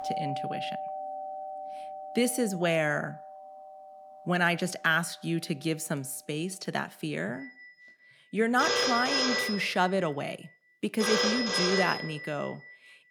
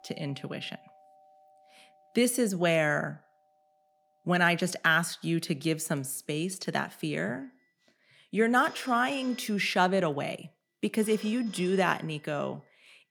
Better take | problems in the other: second | alarms or sirens; loud; throughout; 1 dB below the speech; faint in the second

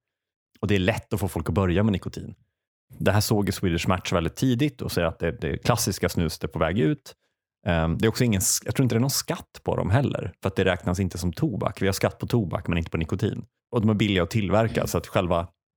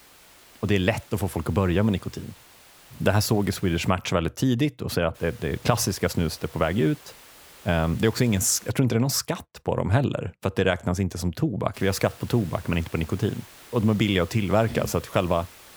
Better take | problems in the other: first | hiss; faint; until 4 s, from 5 to 8.5 s and from 12 s on; 20 dB below the speech

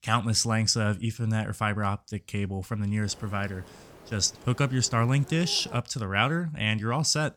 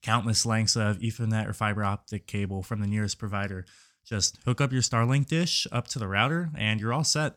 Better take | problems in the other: second | hiss; faint; from 3 to 6 s; 20 dB below the speech

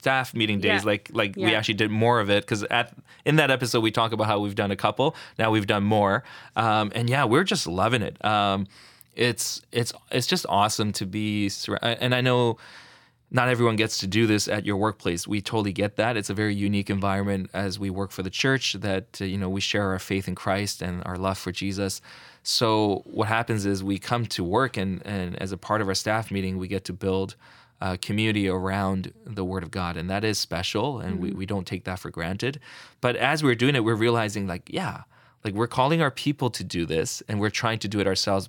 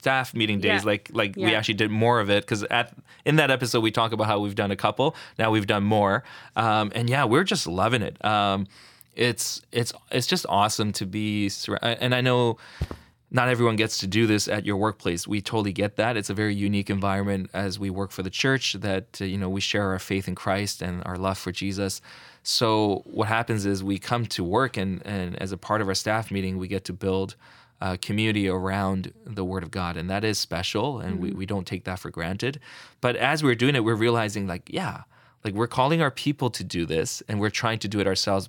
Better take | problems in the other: first | footsteps; faint; at 13 s; peak 10 dB below the speech

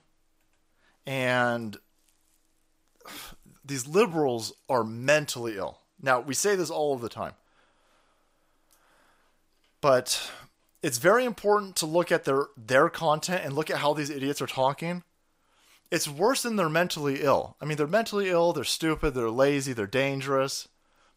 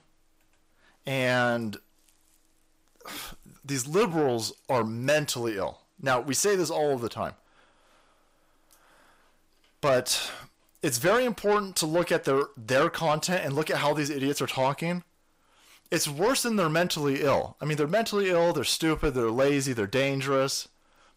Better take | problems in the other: first | distortion; slight; 10 dB below the speech

